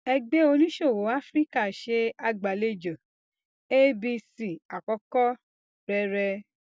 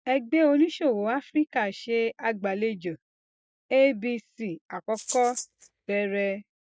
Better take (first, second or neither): first